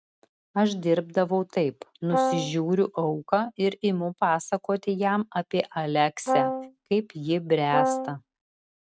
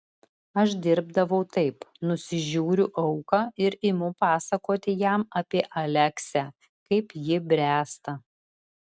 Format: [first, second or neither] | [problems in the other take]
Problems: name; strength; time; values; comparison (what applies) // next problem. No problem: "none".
second | noise reduction (neural mask model RNNoise)